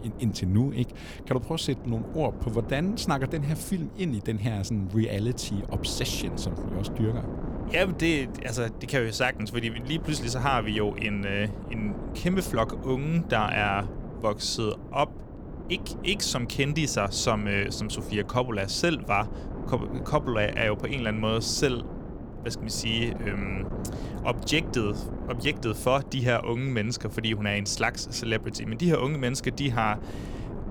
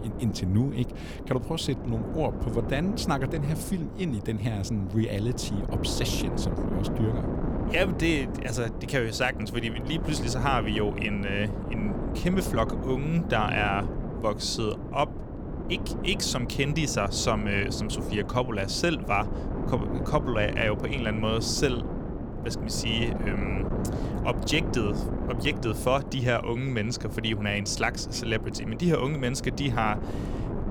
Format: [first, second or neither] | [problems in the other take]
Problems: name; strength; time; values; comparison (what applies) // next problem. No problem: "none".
first | wind noise on the microphone; heavy; 9 dB below the speech; occasional gusts in the first